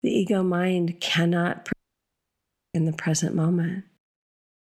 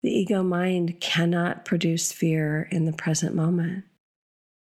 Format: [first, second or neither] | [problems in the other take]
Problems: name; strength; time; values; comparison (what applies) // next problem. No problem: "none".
second | audio cutting out; at 1.5 s for 1 s